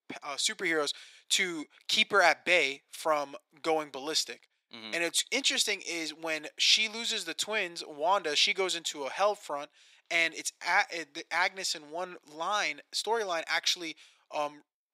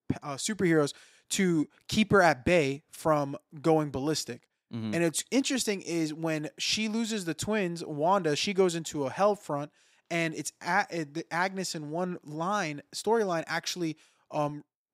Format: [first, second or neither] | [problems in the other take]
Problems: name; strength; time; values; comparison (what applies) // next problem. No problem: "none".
second | thin; somewhat; fading below 550 Hz